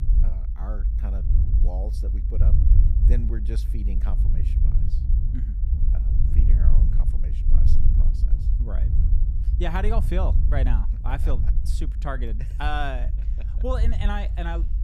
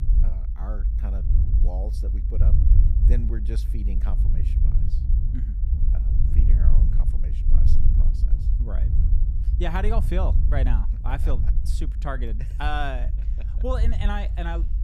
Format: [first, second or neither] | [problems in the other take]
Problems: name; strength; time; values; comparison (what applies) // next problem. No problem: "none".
neither | low rumble; loud; throughout; 9 dB below the speech; the same in both